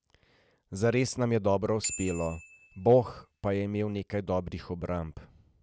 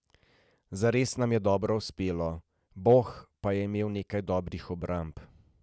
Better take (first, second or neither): second